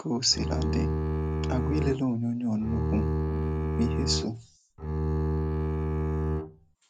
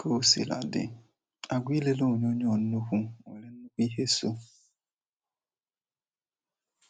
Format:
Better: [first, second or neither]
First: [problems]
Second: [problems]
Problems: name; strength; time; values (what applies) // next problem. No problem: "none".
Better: second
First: background sound (Bowed string instrument); 3 dB above the speech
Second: none